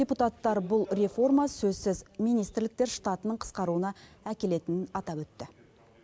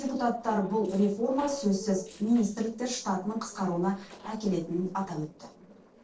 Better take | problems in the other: first | noise reduction (neural separator model SepFormer DNS4)

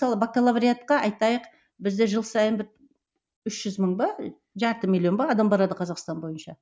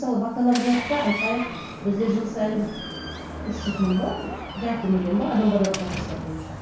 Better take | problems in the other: first | background sound (Door); 9 dB below the speech // room echo; dies away in 0.6 s

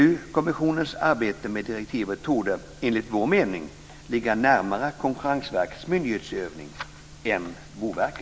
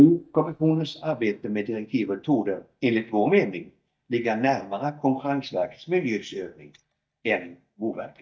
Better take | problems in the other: first | noise reduction (neural mask model DeepFilterNet 3)

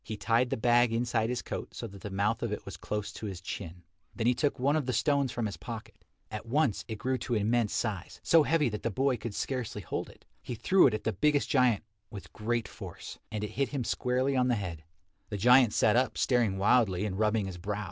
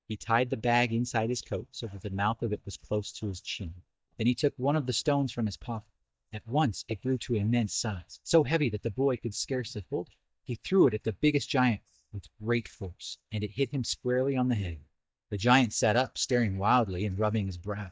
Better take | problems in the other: first | noise reduction (neural mask model DeepFilterNet 3)

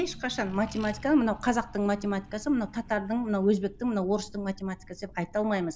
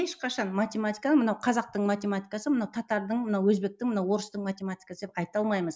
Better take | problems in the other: second | background sound (Accelerating, revving, vroom); 18 dB below the speech

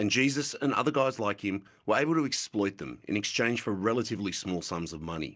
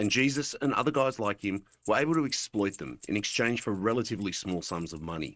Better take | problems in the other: first | noise reduction (neural mask model RNNoise)

